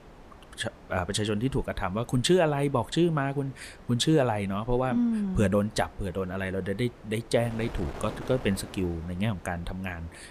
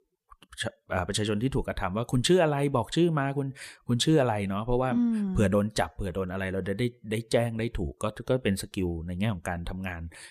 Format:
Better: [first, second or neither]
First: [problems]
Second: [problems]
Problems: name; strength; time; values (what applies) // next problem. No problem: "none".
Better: second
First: wind noise on the microphone; occasional gusts; 20 dB below the speech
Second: none